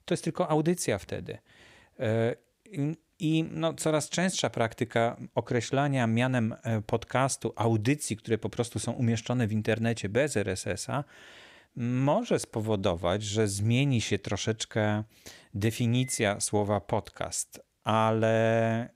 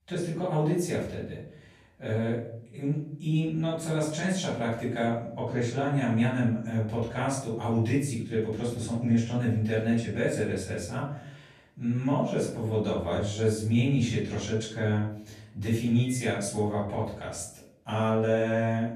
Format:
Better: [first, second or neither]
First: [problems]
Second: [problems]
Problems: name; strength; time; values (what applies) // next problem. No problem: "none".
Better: first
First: none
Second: off-mic speech; far // room echo; noticeable; dies away in 0.6 s